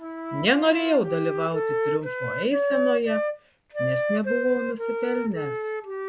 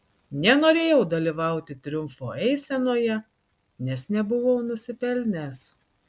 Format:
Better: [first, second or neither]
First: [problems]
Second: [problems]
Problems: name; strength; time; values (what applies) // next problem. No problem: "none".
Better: second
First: background sound (Wind instrument, woodwind instrument); 1 dB below the speech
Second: none